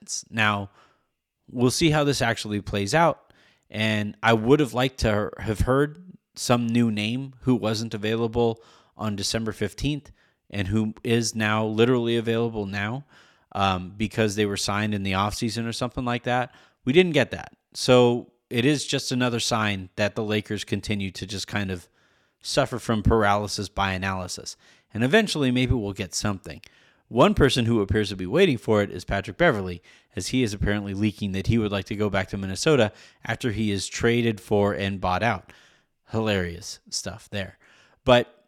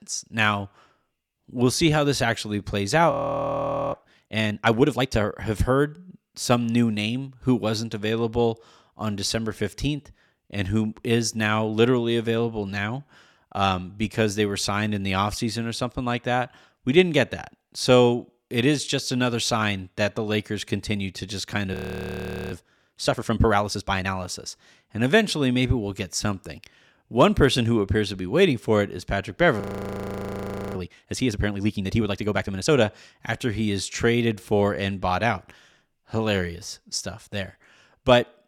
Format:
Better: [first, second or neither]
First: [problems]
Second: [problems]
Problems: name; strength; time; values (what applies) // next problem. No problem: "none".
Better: first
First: none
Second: audio freezing; at 3 s for 1 s, at 22 s for 1 s and at 30 s for 1 s